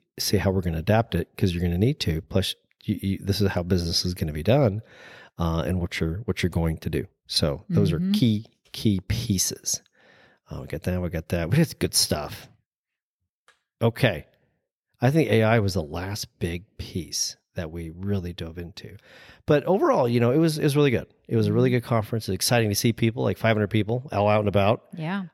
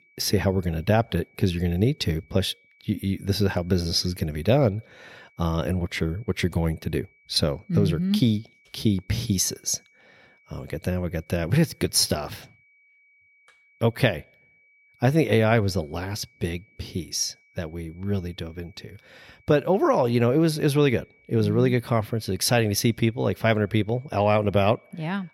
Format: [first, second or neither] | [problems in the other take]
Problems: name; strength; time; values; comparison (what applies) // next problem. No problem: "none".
first | high-pitched whine; faint; throughout; 2.5 kHz, 35 dB below the speech